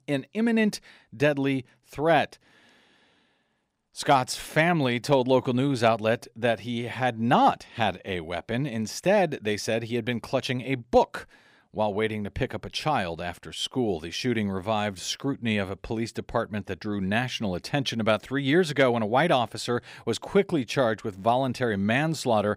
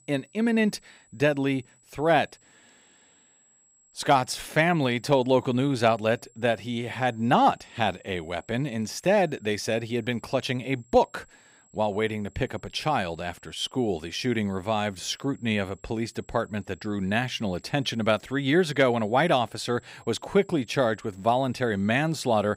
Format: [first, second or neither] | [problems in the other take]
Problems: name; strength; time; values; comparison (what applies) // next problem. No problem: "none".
first | high-pitched whine; faint; throughout; 7.5 kHz, 30 dB below the speech